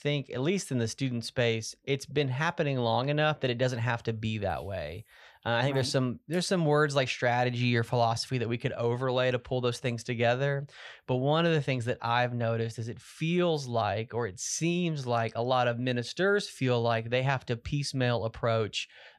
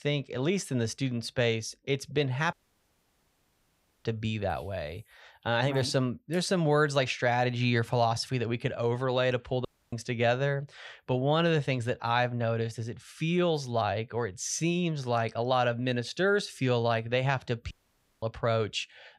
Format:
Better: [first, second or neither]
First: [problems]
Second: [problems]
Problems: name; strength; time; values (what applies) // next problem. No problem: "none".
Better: first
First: none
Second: audio cutting out; at 2.5 s for 1.5 s, at 9.5 s and at 18 s for 0.5 s